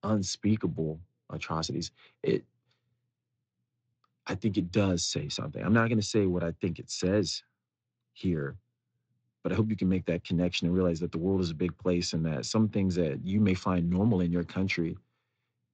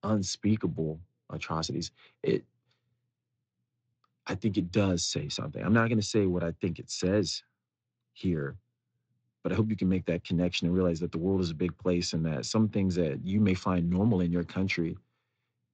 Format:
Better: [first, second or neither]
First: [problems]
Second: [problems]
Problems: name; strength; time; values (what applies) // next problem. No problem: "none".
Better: neither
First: garbled, watery; slightly; nothing above 7.5 kHz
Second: garbled, watery; slightly; nothing above 7.5 kHz